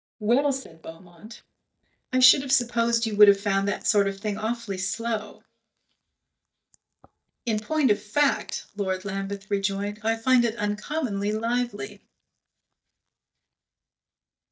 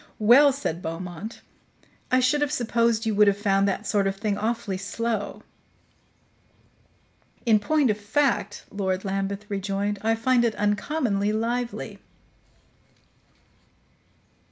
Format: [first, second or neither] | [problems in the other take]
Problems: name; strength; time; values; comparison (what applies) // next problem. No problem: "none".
second | noise reduction (neural mask model DeepFilterNet 3)